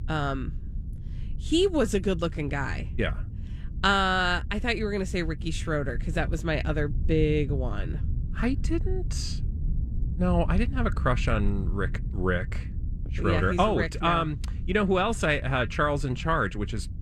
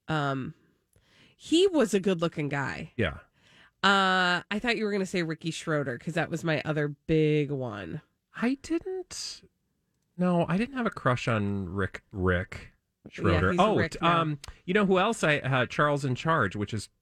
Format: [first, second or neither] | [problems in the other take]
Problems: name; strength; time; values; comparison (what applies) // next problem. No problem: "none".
second | low rumble; faint; throughout; 20 dB below the speech